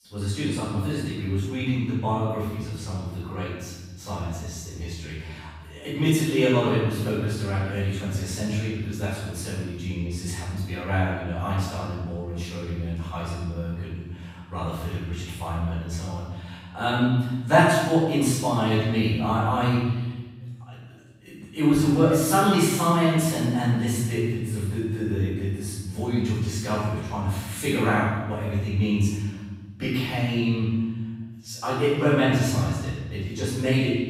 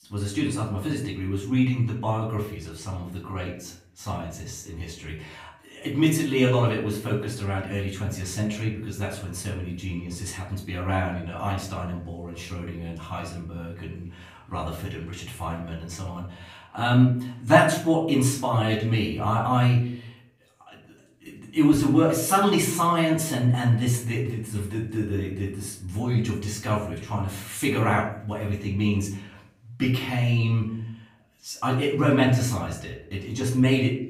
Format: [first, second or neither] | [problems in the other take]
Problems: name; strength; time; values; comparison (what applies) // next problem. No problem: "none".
second | room echo; strong; dies away in 1.3 s; slight in the second // off-mic speech; far; far in the second